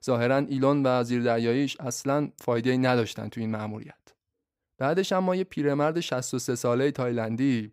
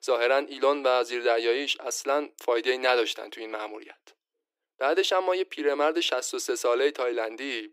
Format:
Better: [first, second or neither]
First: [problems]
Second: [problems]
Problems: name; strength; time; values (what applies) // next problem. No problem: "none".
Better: first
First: none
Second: thin; very; fading below 300 Hz